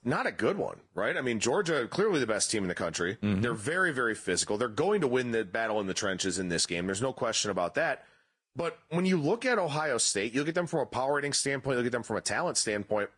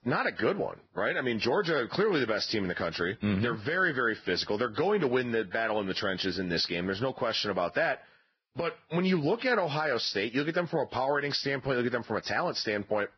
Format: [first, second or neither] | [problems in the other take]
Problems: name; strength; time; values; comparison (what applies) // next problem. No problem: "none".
first | garbled, watery; badly; nothing above 5.5 kHz; slightly in the first